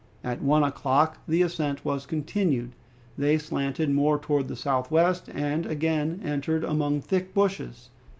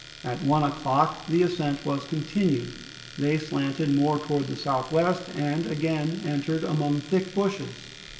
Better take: first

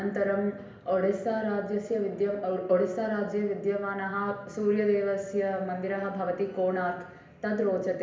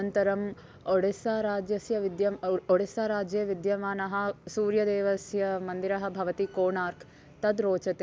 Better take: second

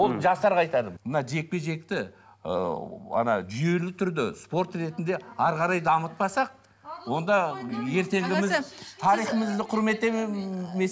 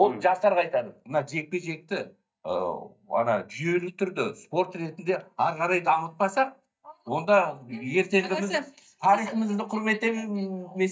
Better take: first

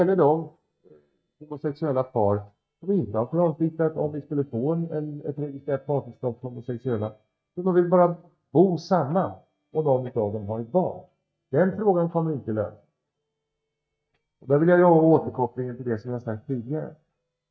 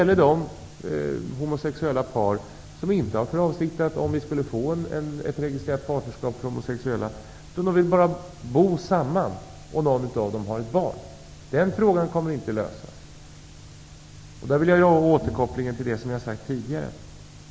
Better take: second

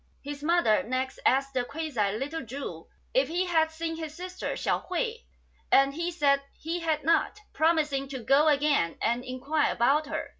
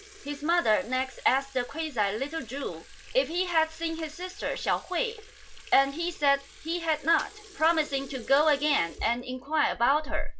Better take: first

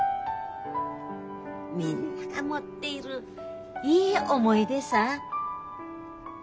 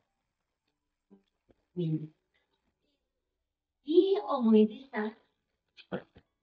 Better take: first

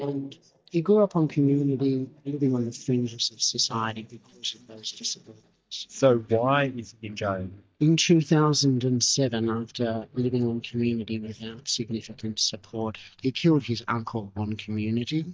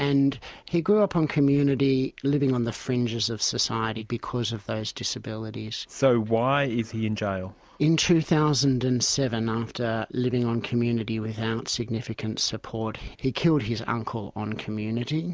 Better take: second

